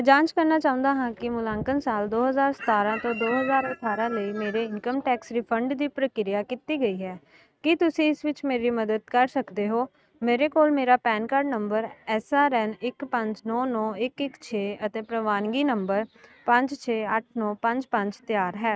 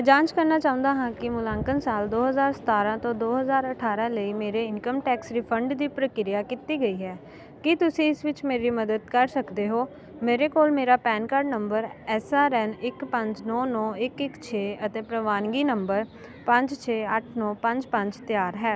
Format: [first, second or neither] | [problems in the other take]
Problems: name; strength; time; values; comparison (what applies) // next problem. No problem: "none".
second | noise reduction (neural mask model RNNoise)